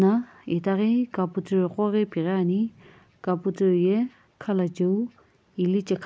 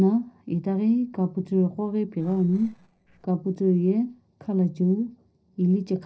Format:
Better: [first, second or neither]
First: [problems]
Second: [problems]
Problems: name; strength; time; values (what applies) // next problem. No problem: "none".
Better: first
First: none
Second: noise reduction (neural separator model SepFormer DNS4)